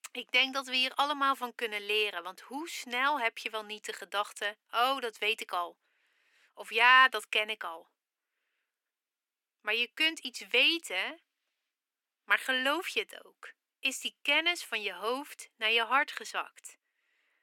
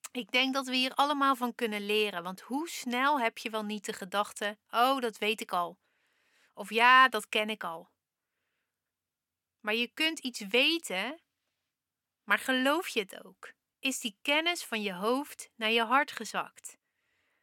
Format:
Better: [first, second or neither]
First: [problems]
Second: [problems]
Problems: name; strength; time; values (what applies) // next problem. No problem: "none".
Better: second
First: thin; somewhat; fading below 300 Hz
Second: none